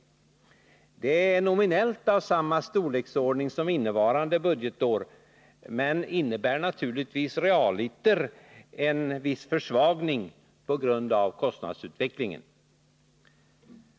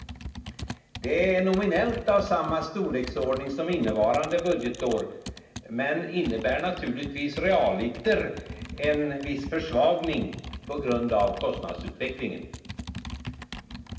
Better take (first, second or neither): first